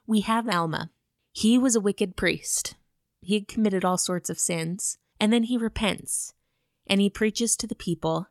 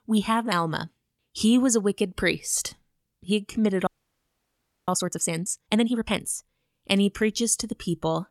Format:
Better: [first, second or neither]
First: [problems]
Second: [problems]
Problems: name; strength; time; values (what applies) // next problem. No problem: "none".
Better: first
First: none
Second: audio freezing; at 4 s for 1 s